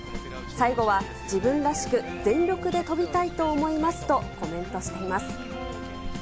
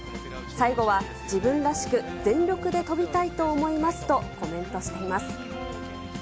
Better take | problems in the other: second | background sound (Bird vocalization, bird call, bird song); 17 dB below the speech

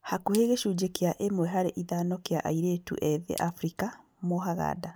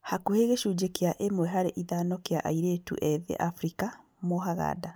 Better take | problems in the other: second | background sound (Glass); 19 dB below the speech

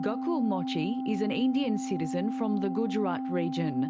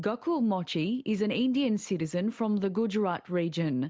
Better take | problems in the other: second | background sound (Organ); 2 dB below the speech

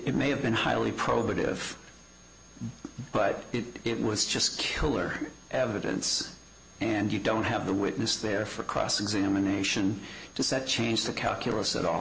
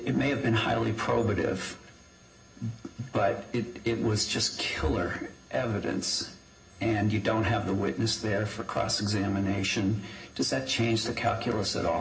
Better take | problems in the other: first | room echo; dies away in 0.4 s

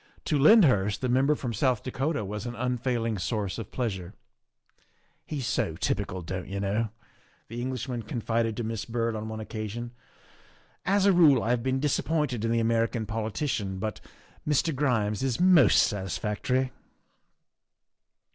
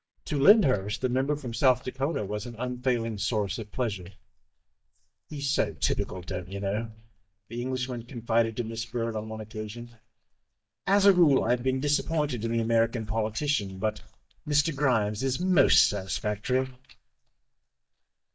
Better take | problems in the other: first | noise reduction (neural mask model DeepFilterNet 3)

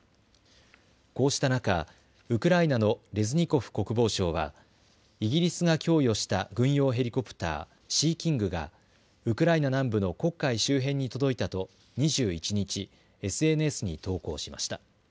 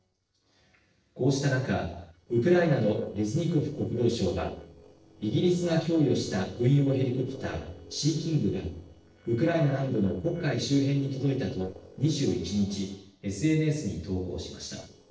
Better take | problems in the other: first | noise reduction (neural separator model SepFormer DNS4)

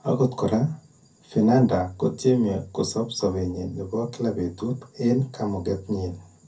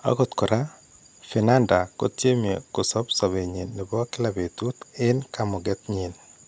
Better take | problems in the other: second | room echo; dies away in 0.3 s

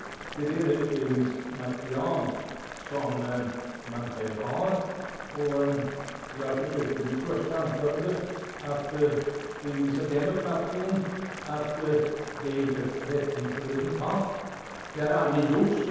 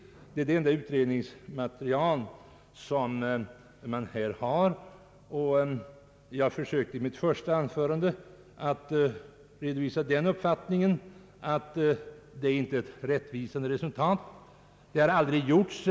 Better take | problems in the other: second | background sound (Boiling); 11 dB below the speech // room echo; dies away in 1.2 s

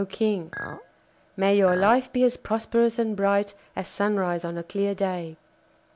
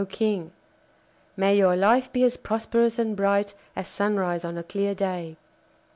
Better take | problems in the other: second | background sound (Chink, clink); 14 dB below the speech

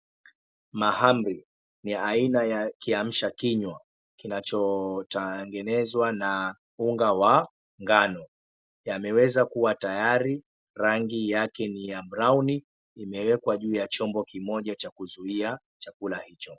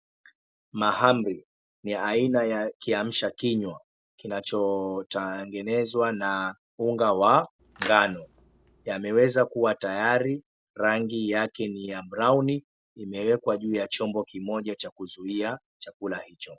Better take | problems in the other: first | background sound (Splash, splatter); 14 dB below the speech

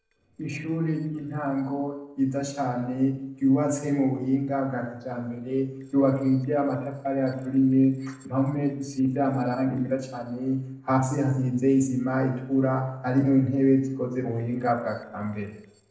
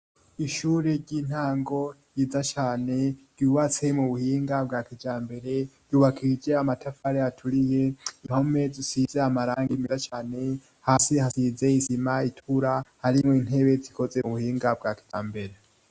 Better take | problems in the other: second | noise reduction (neural separator model SepFormer DNS4)

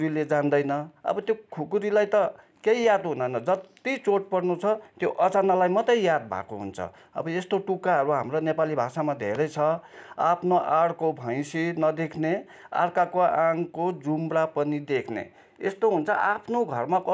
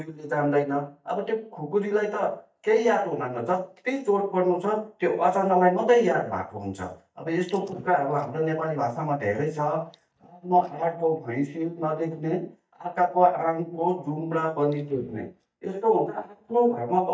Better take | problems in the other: first | noise reduction (neural mask model DeepFilterNet 3)

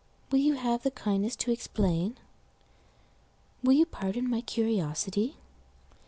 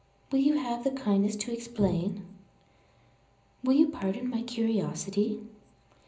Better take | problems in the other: first | room echo; dies away in 0.5 s

